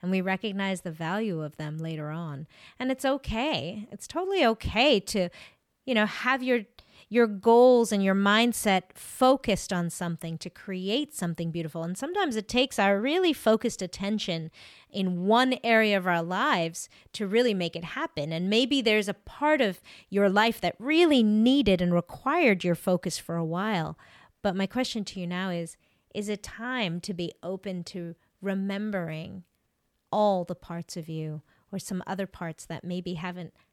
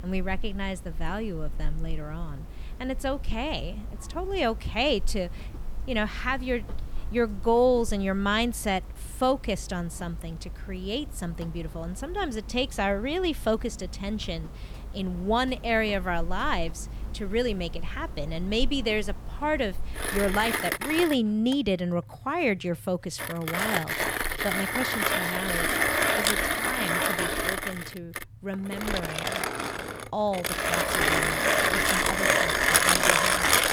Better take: first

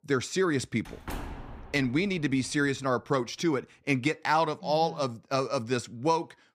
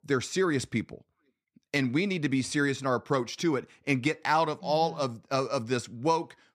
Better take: second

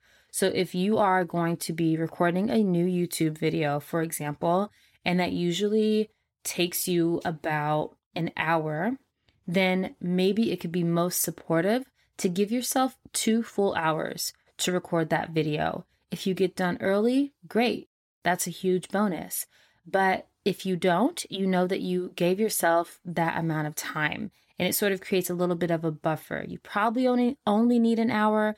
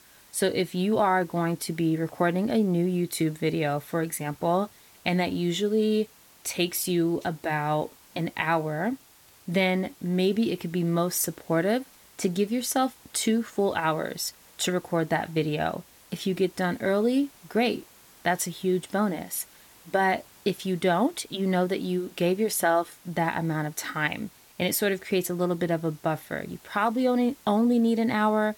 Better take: first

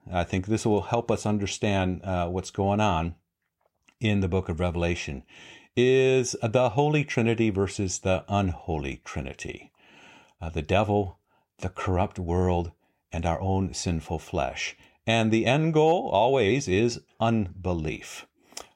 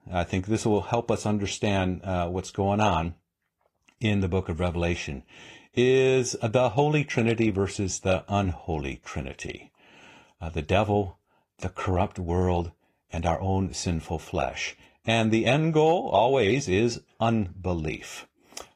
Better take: first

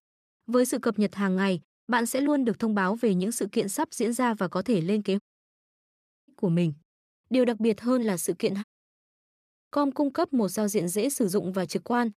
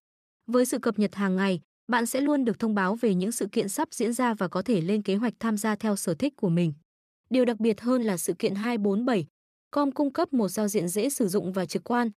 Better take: second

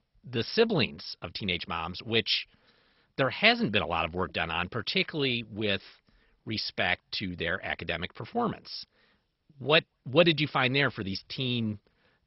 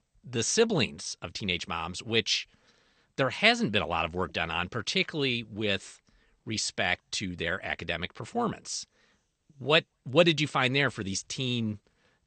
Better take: second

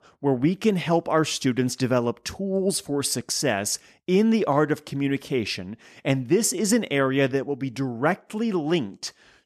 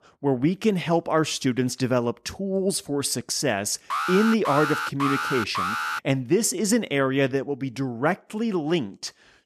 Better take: first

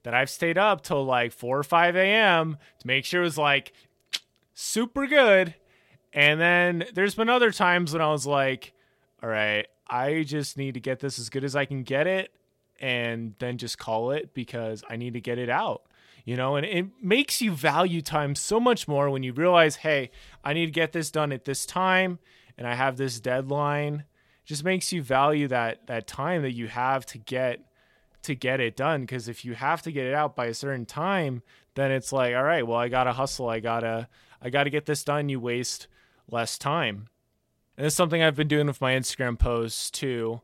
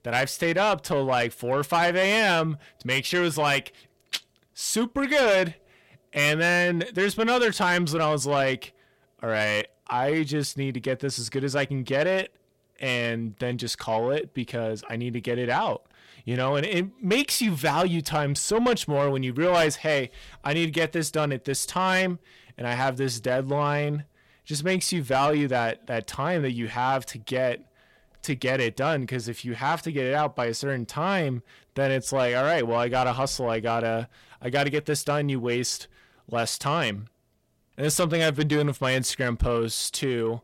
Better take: first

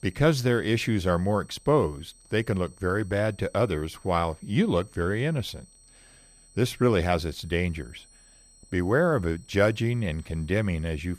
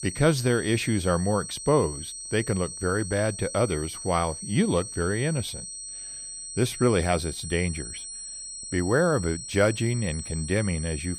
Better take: first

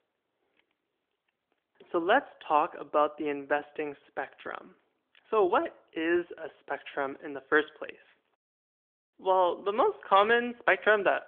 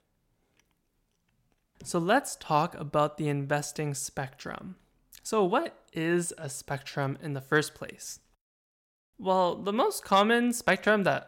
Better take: second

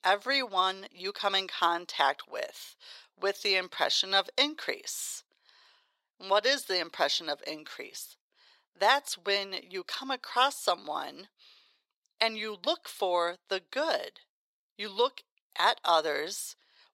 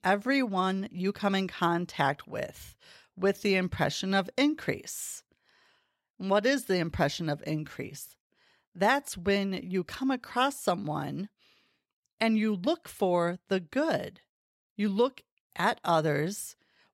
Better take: second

